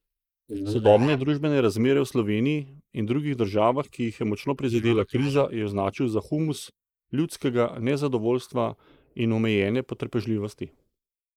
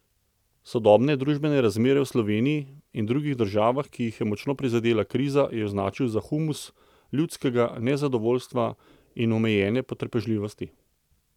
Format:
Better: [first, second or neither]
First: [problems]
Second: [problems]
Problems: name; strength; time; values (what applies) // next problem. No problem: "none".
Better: second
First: noise reduction (neural mask model Resemble Enhance denoiser)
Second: none